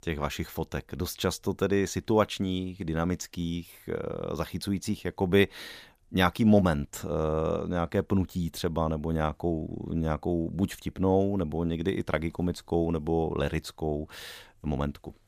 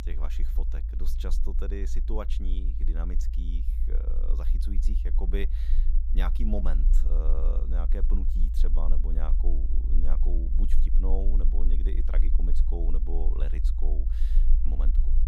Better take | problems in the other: first | low rumble; loud; throughout; 8 dB below the speech

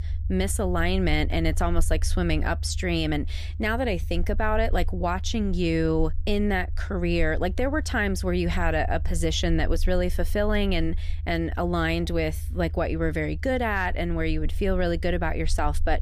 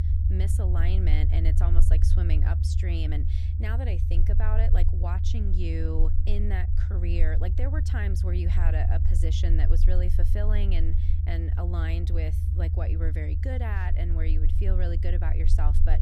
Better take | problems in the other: first | low rumble; loud; throughout; 4 dB below the speech; faint in the first

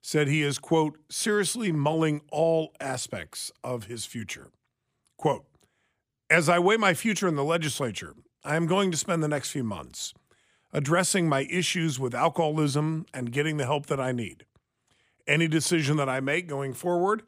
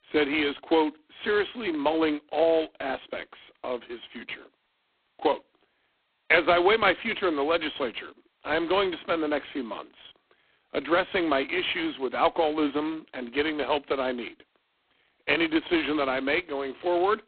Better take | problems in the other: first | phone-call audio; poor line; nothing above 4 kHz

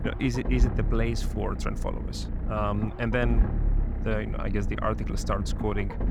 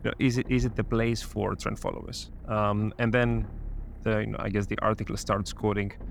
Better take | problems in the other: second | low rumble; loud; throughout; 10 dB below the speech; faint in the second

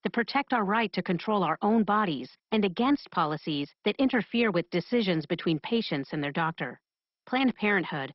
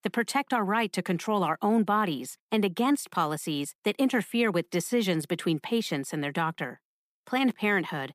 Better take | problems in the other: second | garbled, watery; badly; nothing above 5.5 kHz

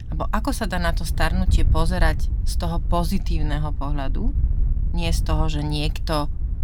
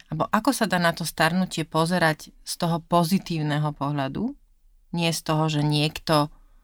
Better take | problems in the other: second | wind noise on the microphone; occasional gusts; 15 dB below the speech

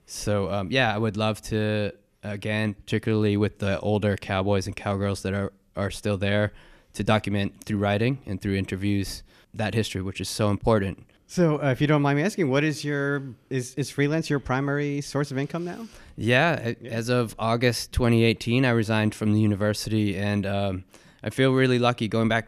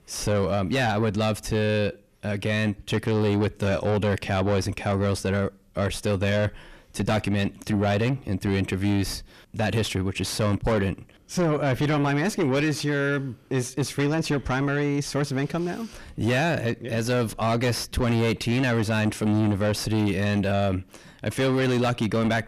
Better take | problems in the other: first | distortion; heavy; 7 dB below the speech

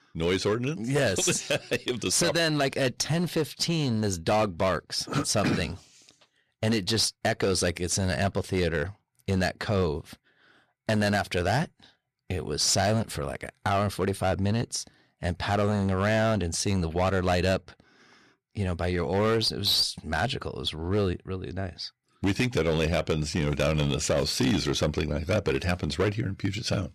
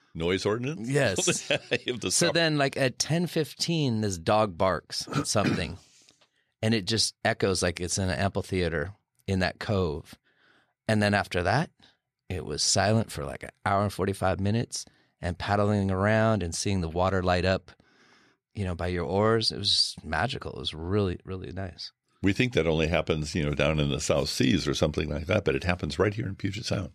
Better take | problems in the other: second | distortion; slight; 9% of the sound clipped

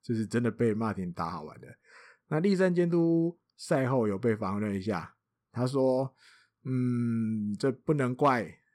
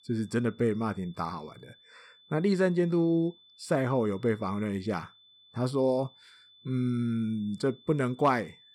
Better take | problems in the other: first | high-pitched whine; faint; throughout; 3.5 kHz, 25 dB below the speech

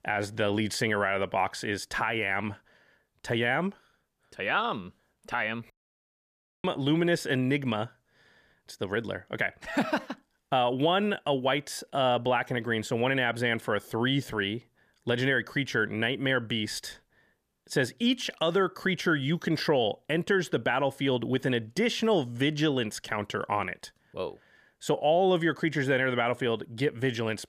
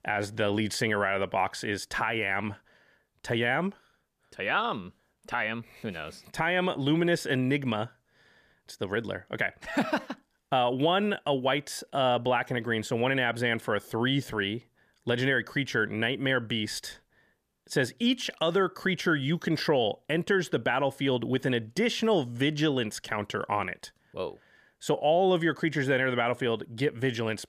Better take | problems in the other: second | audio cutting out; at 5.5 s for 1 s

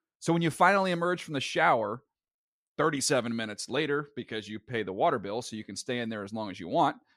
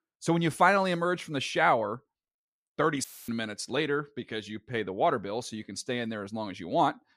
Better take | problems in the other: first | audio cutting out; filled with static; at 3 s

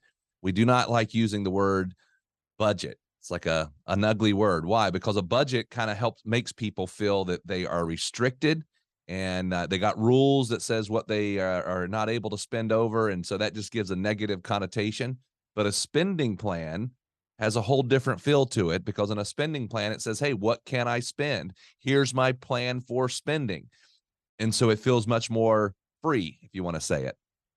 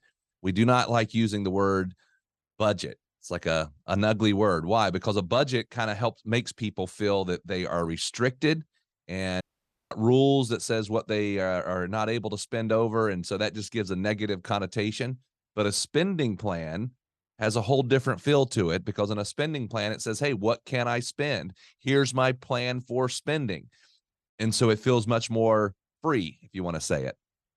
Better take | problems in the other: first | audio cutting out; at 9.5 s for 0.5 s

